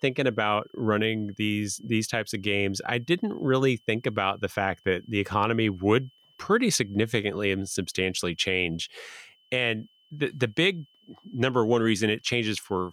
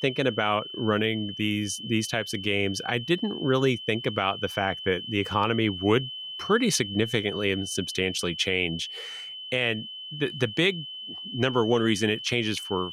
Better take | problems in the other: first | high-pitched whine; loud; throughout; 3 kHz, 9 dB below the speech; faint in the first

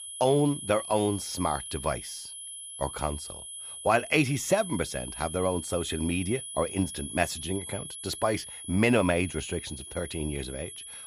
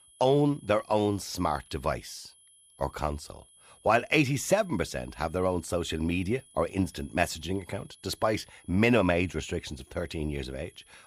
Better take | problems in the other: second | high-pitched whine; loud; throughout; 10.5 kHz, 9 dB below the speech; faint in the second

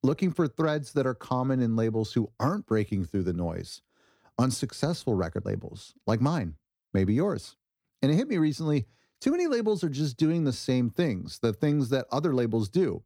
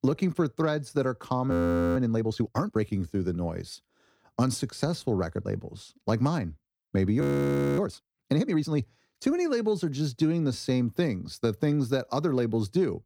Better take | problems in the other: first | audio freezing; at 1.5 s and at 7 s for 0.5 s

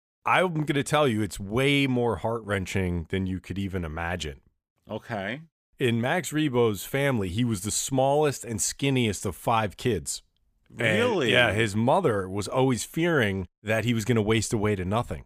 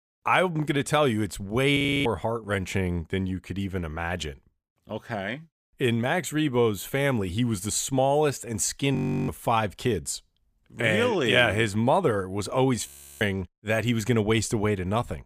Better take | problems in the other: first | audio freezing; at 2 s, at 9 s and at 13 s

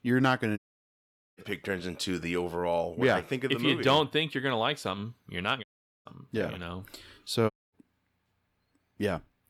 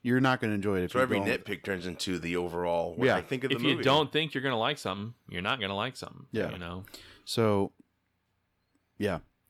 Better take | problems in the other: second | audio cutting out; at 0.5 s for 1 s, at 5.5 s and at 7.5 s

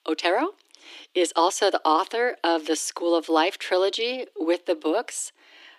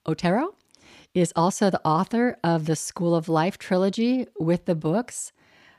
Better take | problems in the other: second | thin; very; fading below 300 Hz

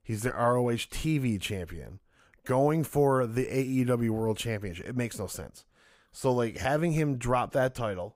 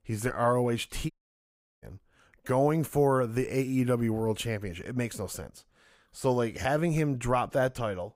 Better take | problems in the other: first | audio cutting out; at 1 s for 0.5 s

